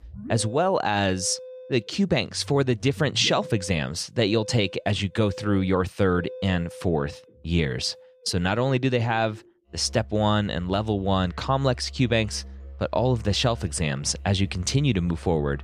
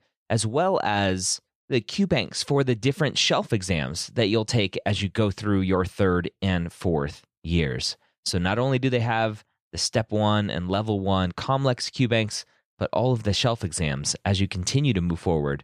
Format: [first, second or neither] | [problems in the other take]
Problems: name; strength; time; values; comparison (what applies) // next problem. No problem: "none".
second | background music; noticeable; throughout; 15 dB below the speech